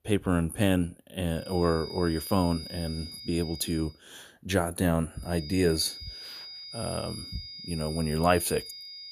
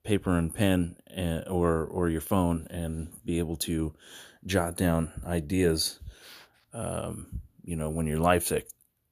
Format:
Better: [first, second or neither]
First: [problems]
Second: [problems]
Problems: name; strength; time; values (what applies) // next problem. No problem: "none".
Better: second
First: high-pitched whine; noticeable; from 1.5 to 4 s and from 5.5 s on; 5 kHz, 10 dB below the speech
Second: none